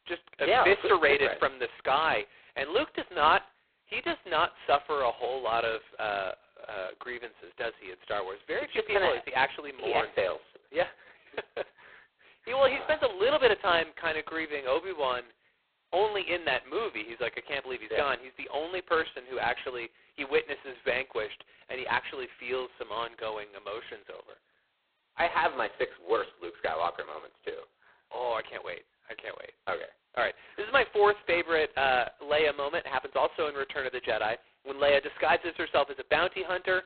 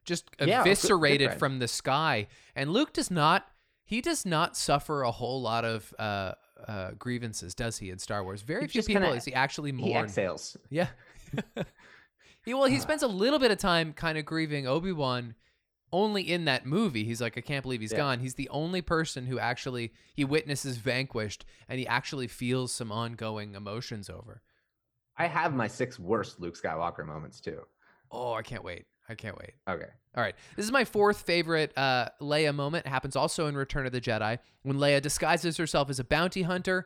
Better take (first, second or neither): second